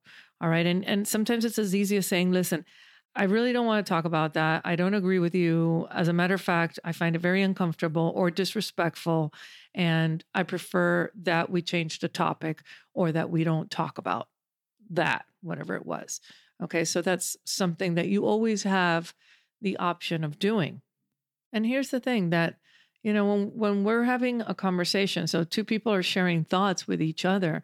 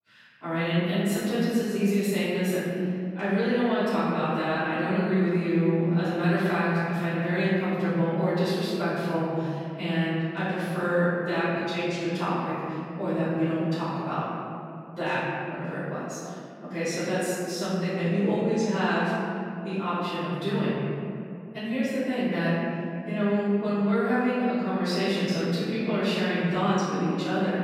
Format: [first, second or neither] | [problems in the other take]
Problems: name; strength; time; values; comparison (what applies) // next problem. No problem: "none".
first | off-mic speech; far // room echo; strong; dies away in 2.5 s